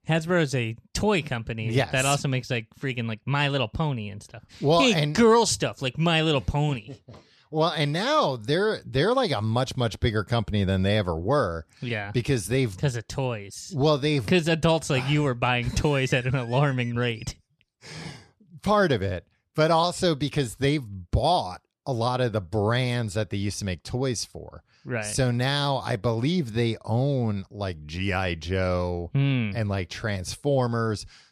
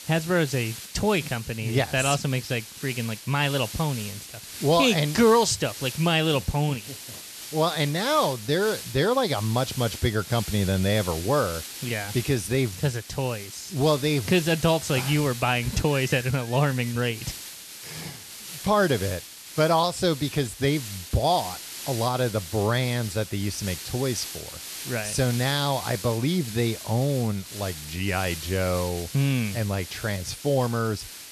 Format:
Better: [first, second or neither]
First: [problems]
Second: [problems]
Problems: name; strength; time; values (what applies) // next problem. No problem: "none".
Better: first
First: none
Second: hiss; noticeable; throughout; 10 dB below the speech